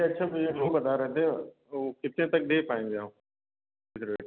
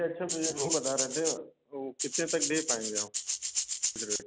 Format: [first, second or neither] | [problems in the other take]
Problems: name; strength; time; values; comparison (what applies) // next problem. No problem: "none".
first | background sound (Rattle (instrument)); 2 dB above the speech